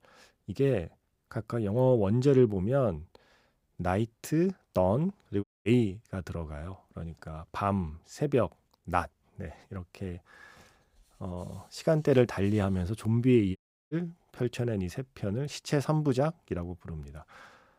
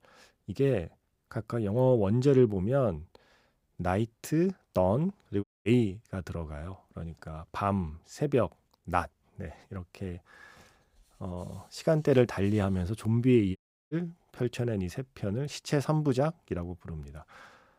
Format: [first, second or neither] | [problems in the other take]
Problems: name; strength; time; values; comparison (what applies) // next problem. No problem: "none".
neither | audio cutting out; at 5.5 s and at 14 s; the same in both